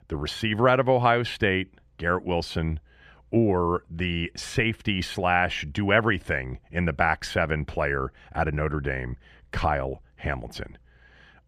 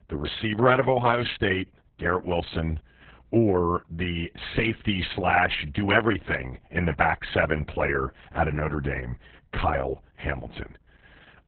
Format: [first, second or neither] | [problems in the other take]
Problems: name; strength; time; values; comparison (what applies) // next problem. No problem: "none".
first | garbled, watery; badly; nothing above 4 kHz